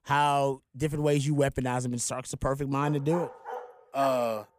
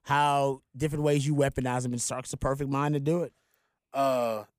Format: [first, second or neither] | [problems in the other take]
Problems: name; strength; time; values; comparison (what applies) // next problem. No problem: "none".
second | dog barking; faint; from 3 s on; peak 10 dB below the speech